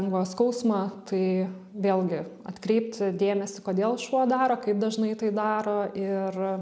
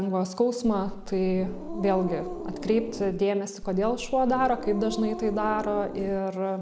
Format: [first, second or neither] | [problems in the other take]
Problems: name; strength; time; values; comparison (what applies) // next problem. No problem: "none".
first | background sound (Growling); 9 dB below the speech